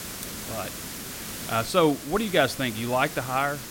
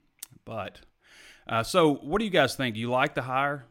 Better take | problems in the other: second | hiss; loud; throughout; 10 dB below the speech

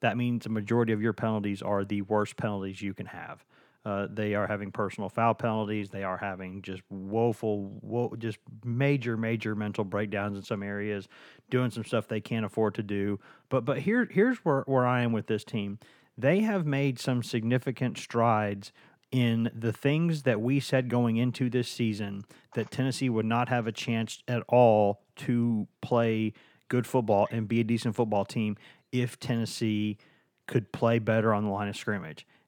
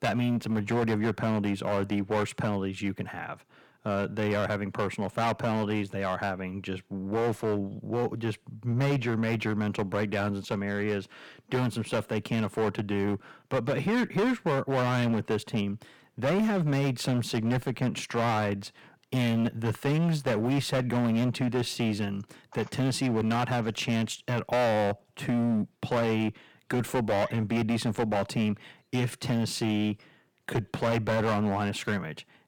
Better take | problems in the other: first | distortion; heavy; 14% of the sound clipped

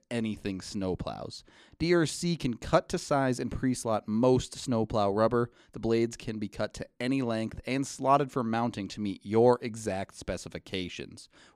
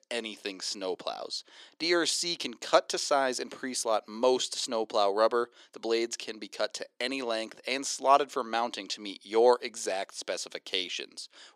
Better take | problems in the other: first | thin; somewhat; fading below 400 Hz

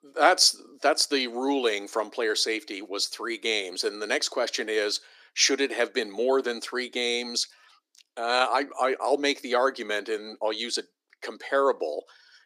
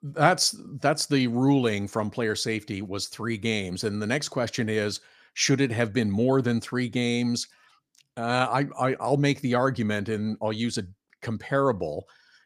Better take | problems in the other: second | thin; somewhat; fading below 300 Hz

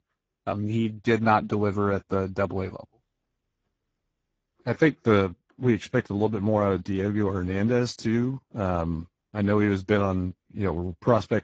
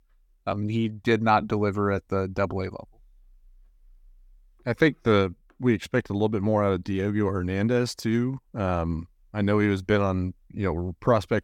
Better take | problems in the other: second | garbled, watery; badly

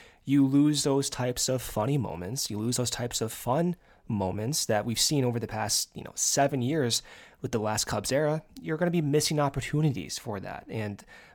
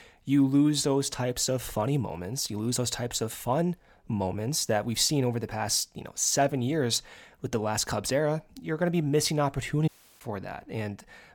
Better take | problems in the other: first | audio cutting out; at 10 s

